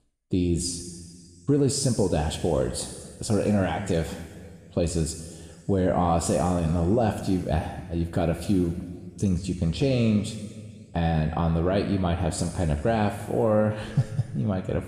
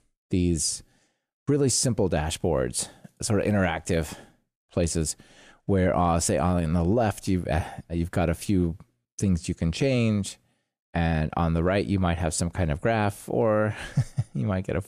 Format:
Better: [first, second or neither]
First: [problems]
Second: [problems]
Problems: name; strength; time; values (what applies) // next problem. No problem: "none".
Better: second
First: room echo; noticeable; dies away in 1.7 s // off-mic speech; somewhat distant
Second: none